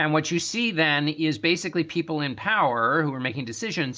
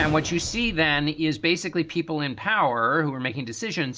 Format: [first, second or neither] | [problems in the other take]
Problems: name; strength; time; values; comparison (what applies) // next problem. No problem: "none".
first | background sound (Gunshot, gunfire); 15 dB below the speech